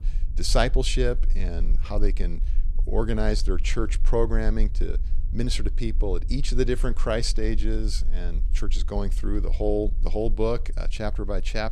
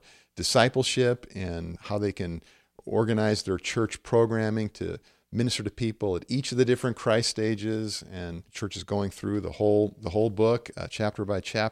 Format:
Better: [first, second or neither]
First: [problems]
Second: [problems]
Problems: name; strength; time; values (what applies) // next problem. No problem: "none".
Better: second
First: low rumble; faint; throughout; 25 dB below the speech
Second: none